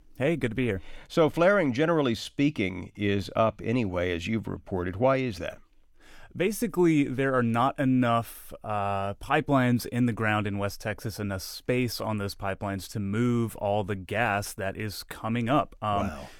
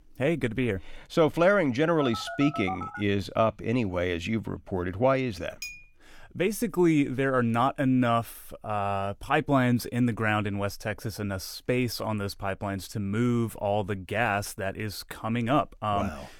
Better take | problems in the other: first | phone ringing; noticeable; from 2 to 3 s; peak 7 dB below the speech // clattering dishes; faint; at 5.5 s; peak 10 dB below the speech

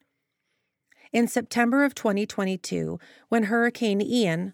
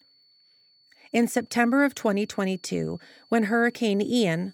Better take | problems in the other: first | high-pitched whine; faint; throughout; 4.5 kHz, 30 dB below the speech

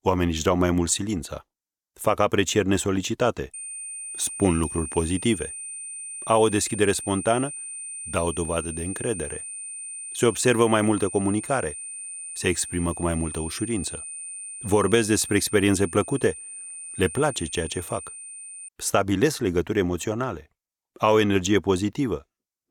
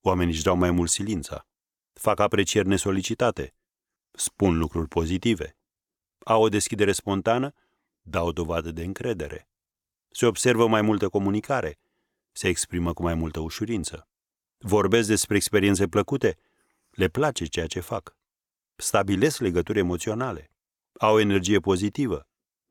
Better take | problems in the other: second | high-pitched whine; loud; from 3.5 to 19 s; 9 kHz, 9 dB below the speech

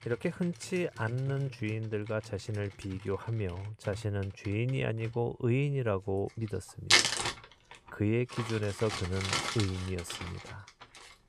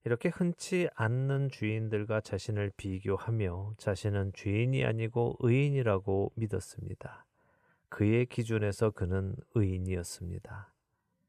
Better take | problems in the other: second | household noises; very loud; throughout; 3 dB above the speech

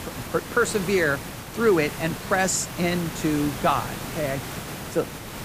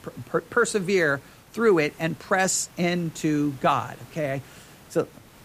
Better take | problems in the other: second | hiss; loud; throughout; 8 dB below the speech; faint in the second

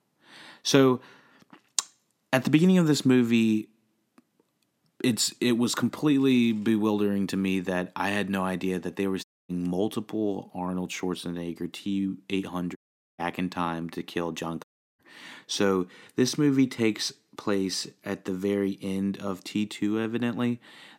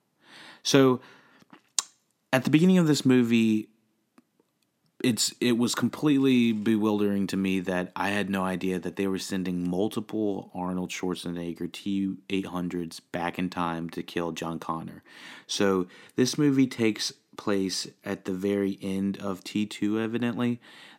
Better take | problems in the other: second | audio cutting out; at 9 s, at 13 s and at 15 s

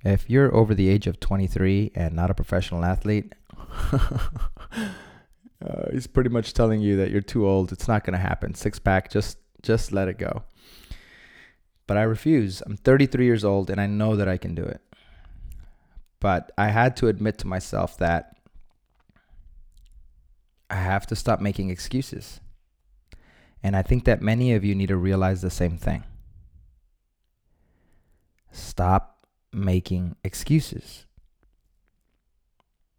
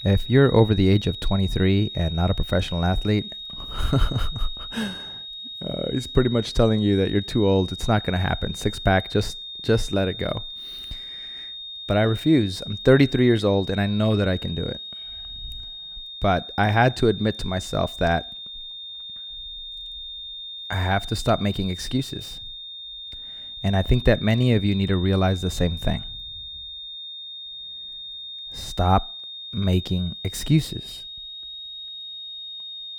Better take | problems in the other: first | high-pitched whine; noticeable; throughout; 3.5 kHz, 10 dB below the speech

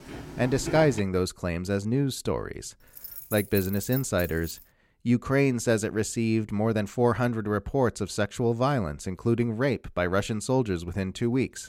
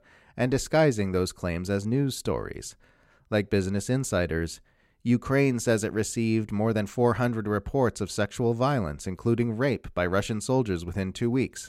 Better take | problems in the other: second | footsteps; noticeable; at the start; peak 7 dB below the speech // jangling keys; noticeable; from 3 to 4.5 s; peak 7 dB below the speech

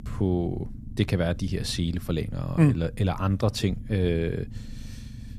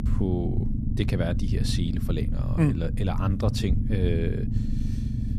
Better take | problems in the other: first | low rumble; loud; throughout; 6 dB below the speech; faint in the first

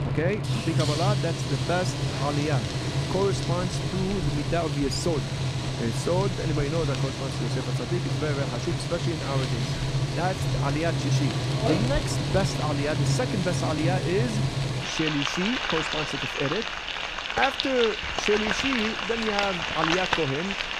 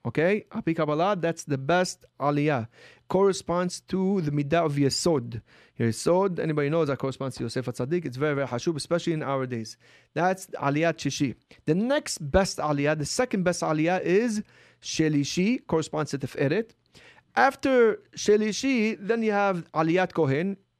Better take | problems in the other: second | household noises; very loud; throughout; 2 dB above the speech

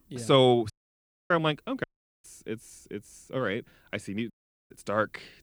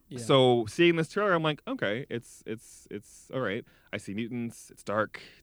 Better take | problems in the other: second | audio cutting out; at 0.5 s for 0.5 s, at 2 s and at 4.5 s

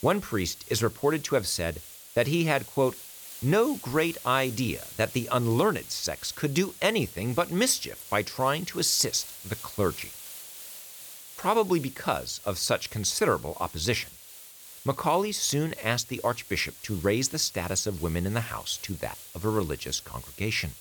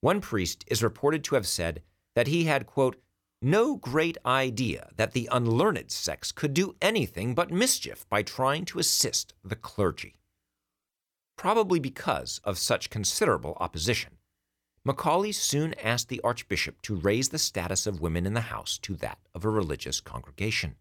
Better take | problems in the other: second | hiss; noticeable; throughout; 15 dB below the speech

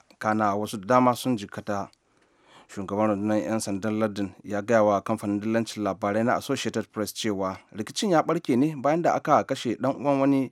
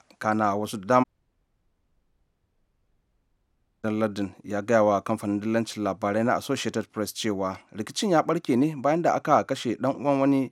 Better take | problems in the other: first | audio cutting out; at 1 s for 3 s

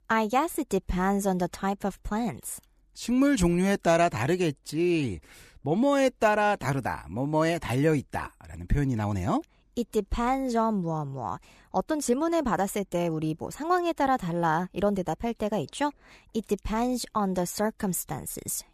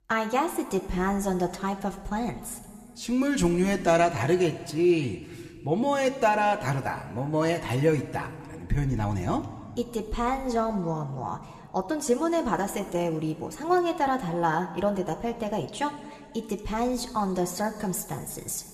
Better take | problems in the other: first | room echo; slight; dies away in 1.7 s

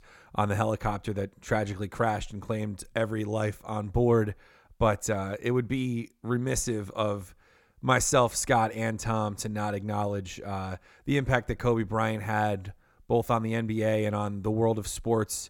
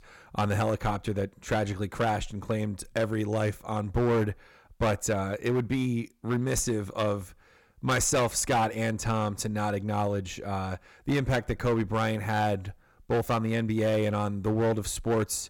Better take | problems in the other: first | distortion; slight; 7% of the sound clipped

